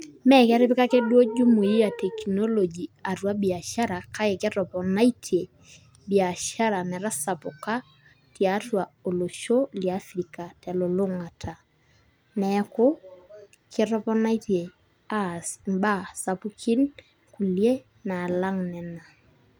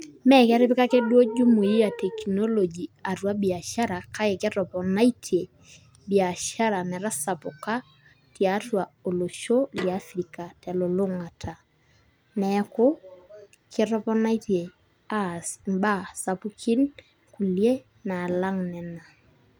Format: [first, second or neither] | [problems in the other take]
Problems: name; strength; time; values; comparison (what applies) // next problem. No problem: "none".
first | background sound (Snare drum); 16 dB below the speech